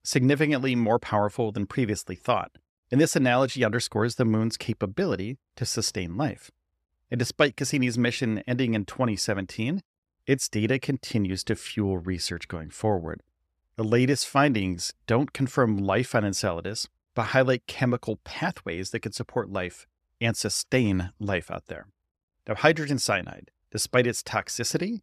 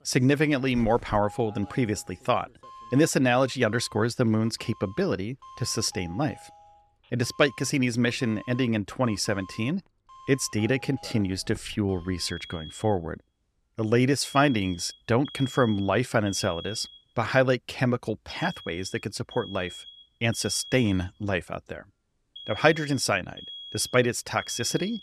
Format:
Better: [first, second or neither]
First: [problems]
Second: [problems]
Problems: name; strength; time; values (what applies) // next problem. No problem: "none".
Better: first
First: none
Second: alarms or sirens; noticeable; throughout; 15 dB below the speech